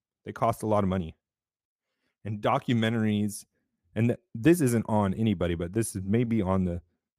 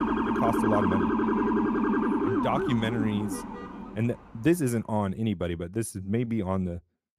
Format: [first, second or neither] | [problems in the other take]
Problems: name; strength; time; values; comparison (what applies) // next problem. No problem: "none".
first | siren; loud; until 4 s; peak 4 dB above the speech